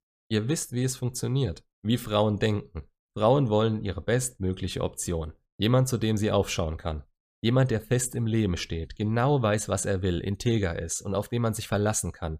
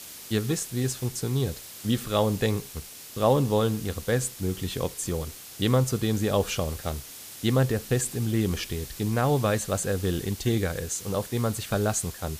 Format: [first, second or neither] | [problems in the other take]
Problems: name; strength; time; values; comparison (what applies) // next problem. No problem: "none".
first | hiss; noticeable; throughout; 15 dB below the speech